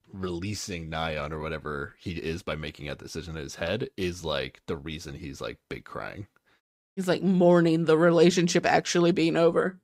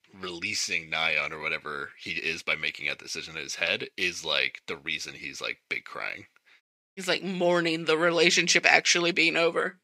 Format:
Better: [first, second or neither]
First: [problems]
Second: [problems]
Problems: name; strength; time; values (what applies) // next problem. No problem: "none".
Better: first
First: none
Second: thin; somewhat; fading below 500 Hz